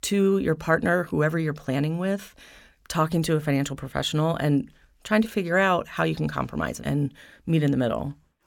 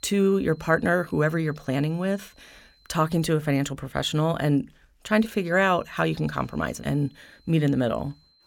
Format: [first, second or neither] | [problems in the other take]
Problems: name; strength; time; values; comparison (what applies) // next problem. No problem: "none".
first | high-pitched whine; faint; until 3.5 s and from 5 s on; 4 kHz, 35 dB below the speech